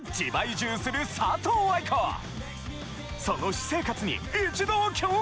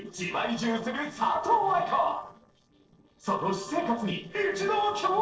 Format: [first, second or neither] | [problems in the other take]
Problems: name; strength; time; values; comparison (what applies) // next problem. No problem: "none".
first | noise reduction (neural separator model SepFormer DNS4)